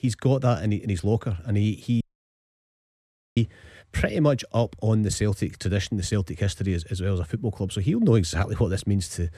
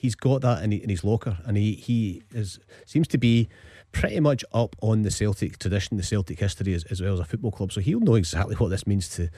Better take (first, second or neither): second